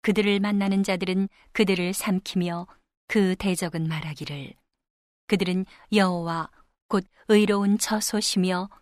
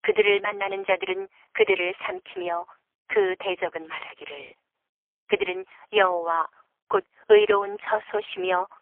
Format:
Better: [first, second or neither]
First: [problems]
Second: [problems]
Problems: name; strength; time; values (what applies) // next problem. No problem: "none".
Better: first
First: none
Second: phone-call audio; poor line; nothing above 3 kHz